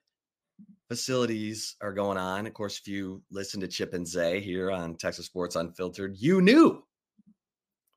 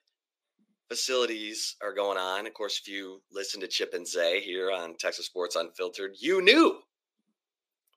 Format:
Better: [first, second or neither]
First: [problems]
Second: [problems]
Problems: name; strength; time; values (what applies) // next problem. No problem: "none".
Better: first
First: none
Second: thin; somewhat; fading below 400 Hz